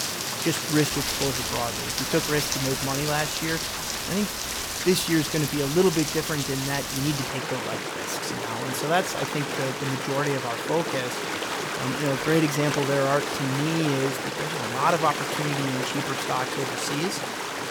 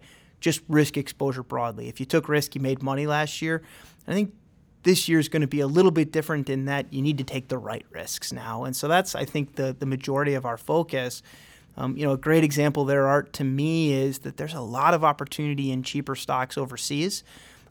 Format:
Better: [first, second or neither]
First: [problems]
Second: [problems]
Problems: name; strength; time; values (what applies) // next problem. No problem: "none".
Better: second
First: rain or running water; loud; throughout; 1 dB below the speech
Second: none